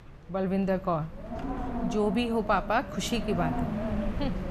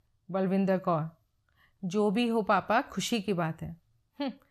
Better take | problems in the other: second | wind noise on the microphone; heavy; 7 dB below the speech

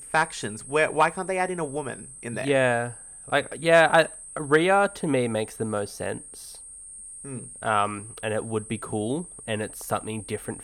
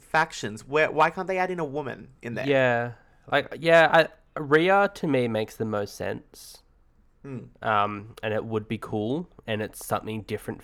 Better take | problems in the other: second | high-pitched whine; noticeable; throughout; 8.5 kHz, 15 dB below the speech

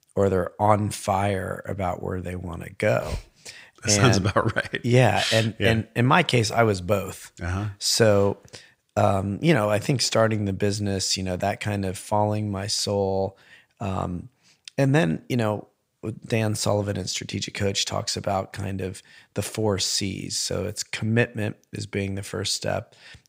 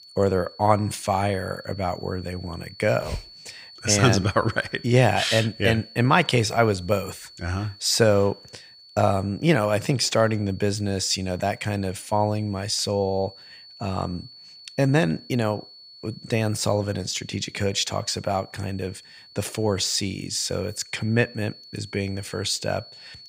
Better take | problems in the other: first | high-pitched whine; faint; throughout; 4.5 kHz, 20 dB below the speech

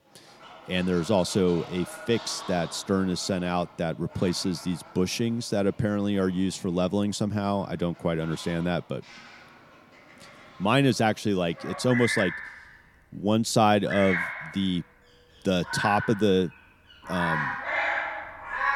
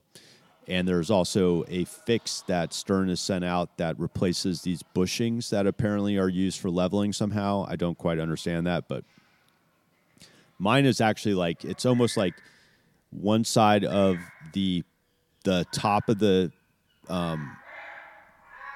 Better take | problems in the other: second | animal sounds; loud; throughout; 6 dB below the speech; faint in the second

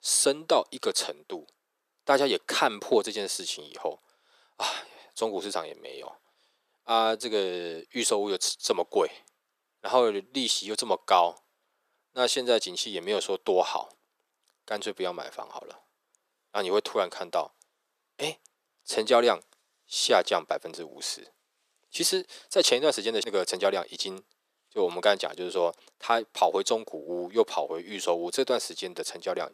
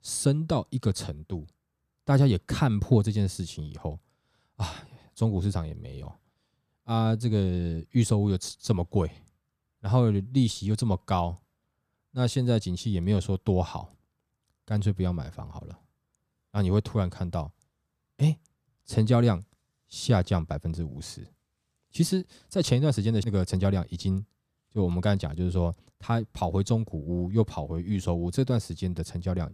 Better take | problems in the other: second | thin; very; fading below 400 Hz

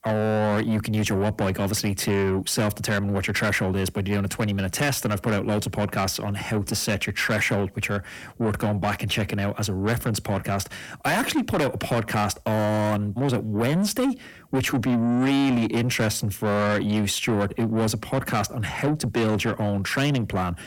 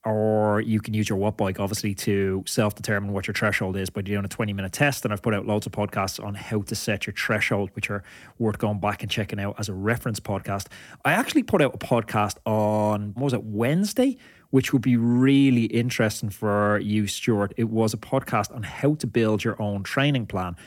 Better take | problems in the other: second | distortion; heavy; 7 dB below the speech

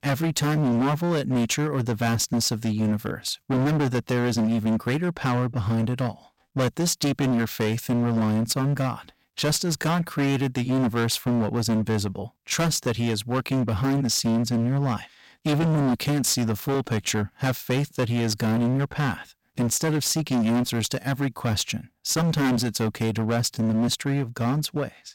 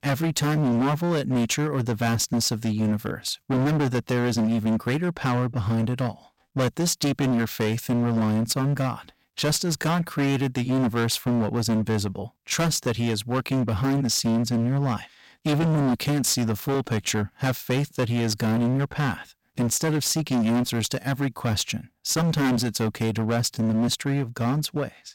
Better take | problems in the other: neither | distortion; heavy; 24% of the sound clipped; the same in both

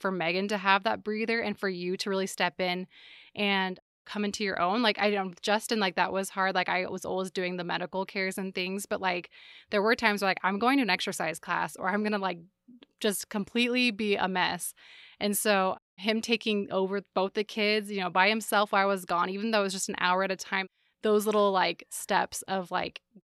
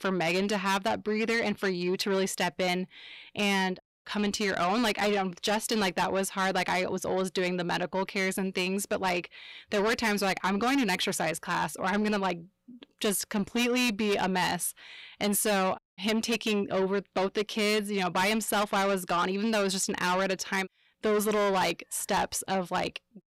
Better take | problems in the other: first | distortion; heavy; 7 dB below the speech

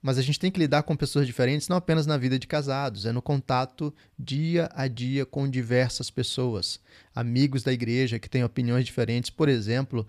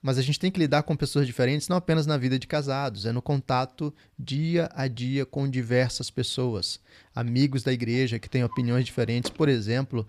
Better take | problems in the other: first | household noises; noticeable; throughout; 20 dB below the speech

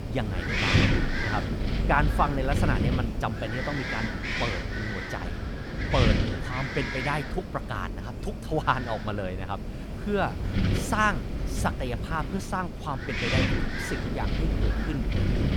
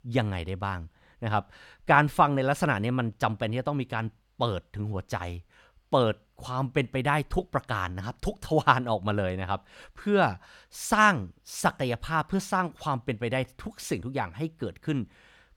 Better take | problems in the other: second | wind noise on the microphone; heavy; 2 dB below the speech

